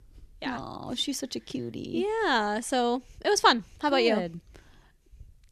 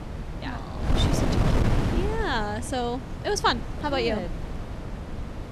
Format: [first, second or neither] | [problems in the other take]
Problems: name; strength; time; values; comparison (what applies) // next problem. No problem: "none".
first | wind noise on the microphone; heavy; 7 dB below the speech